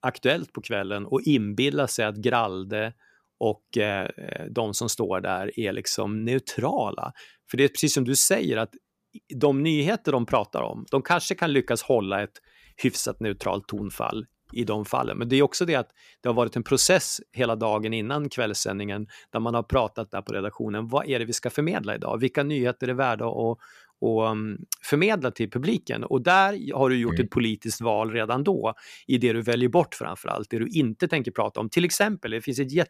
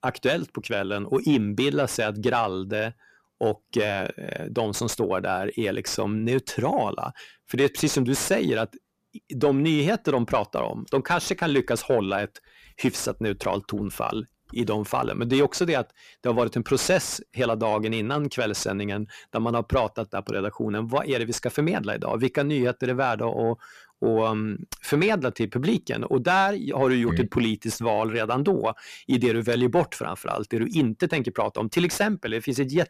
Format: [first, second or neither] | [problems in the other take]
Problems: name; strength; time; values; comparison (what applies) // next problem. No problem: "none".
first | distortion; slight; 10 dB below the speech